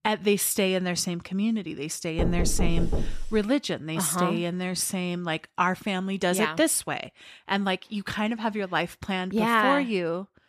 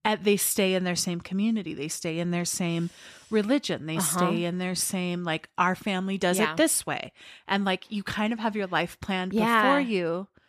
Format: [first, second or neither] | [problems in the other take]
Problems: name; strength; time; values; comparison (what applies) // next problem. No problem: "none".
second | door banging; noticeable; from 2 to 3.5 s; peak 3 dB below the speech